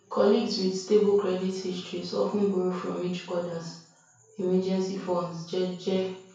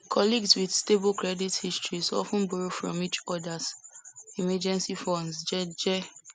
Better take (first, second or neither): second